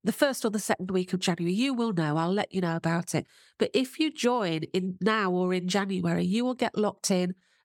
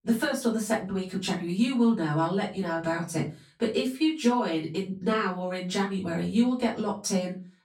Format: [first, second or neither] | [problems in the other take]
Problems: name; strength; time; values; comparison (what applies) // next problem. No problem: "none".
first | off-mic speech; far // room echo; slight; dies away in 0.3 s